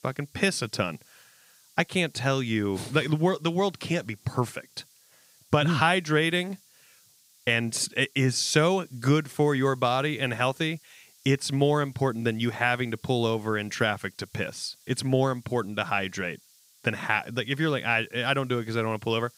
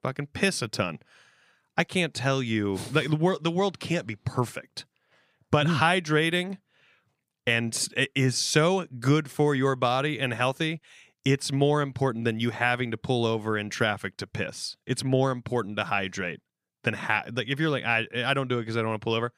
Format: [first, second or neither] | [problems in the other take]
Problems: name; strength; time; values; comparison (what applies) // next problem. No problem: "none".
second | hiss; faint; throughout; 30 dB below the speech